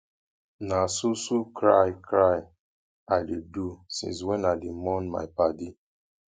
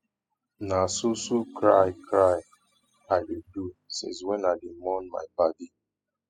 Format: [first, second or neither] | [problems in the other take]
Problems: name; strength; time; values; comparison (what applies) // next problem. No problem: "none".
first | noise reduction (classical method spectral subtraction)